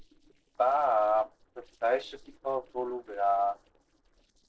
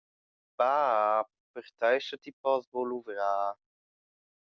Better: second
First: noise reduction (neural separator model SepFormer DNS4)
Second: none

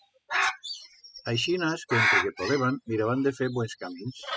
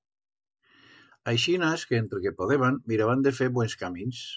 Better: second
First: noise reduction (classical method spectral subtraction)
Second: none

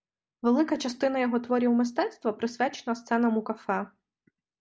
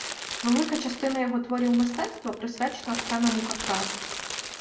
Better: first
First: none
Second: background sound (Crumpling, crinkling); 7 dB below the speech // room echo; dies away in 0.6 s

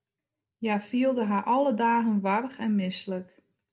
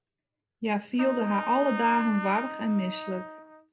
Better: first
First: none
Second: background sound (Trumpet); 9 dB below the speech

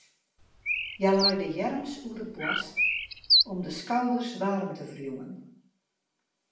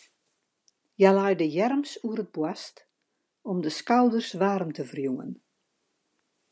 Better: second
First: background sound (Bird); 3 dB above the speech // room echo; dies away in 0.6 s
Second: none

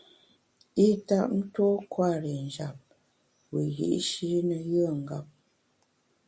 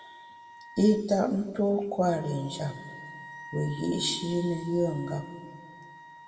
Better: first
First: none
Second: background sound (Wind instrument, woodwind instrument); 17 dB below the speech // room echo; dies away in 1.5 s

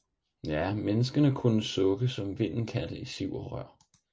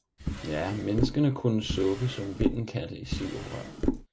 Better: first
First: none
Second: background sound (Drawer open or close); 2 dB below the speech

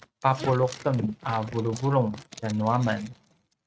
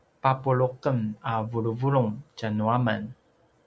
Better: second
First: noise reduction (neural mask model RNNoise)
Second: none

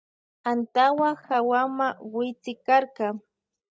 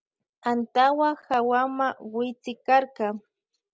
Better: second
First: noise reduction (neural mask model DeepFilterNet 3)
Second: none

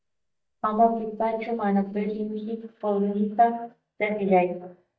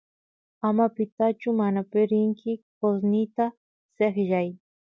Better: second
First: noise reduction (neural mask model DeepFilterNet 3)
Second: none

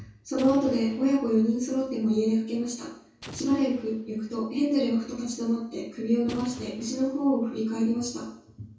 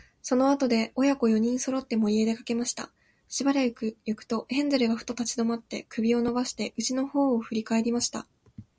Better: second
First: background sound (Explosion); 20 dB below the speech // room echo; dies away in 0.6 s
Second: none

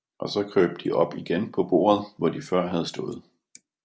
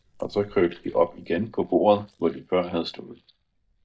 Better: first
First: none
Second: noise reduction (neural mask model DeepFilterNet 3)

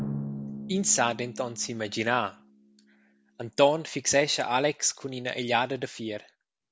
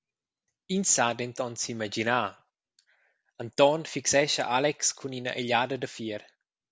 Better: second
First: background sound (Drum); 13 dB below the speech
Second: none

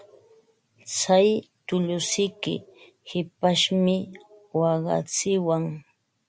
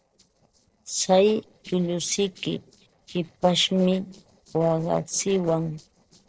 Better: first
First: none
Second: noise reduction (neural separator model SepFormer DNS4)

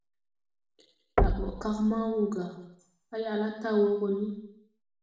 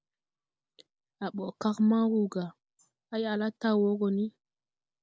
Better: second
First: background sound (Knock); 1 dB below the speech // room echo; dies away in 0.8 s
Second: none

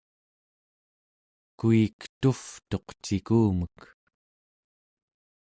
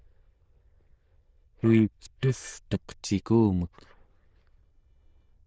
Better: first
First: none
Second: noise reduction (neural diffusion model UNIVERSE++)

